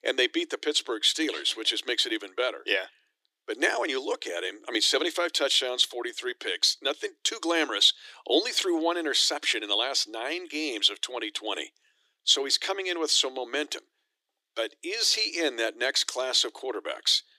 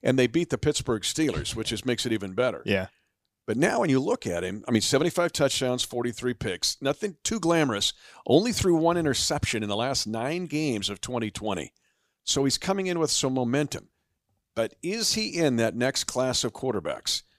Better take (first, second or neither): second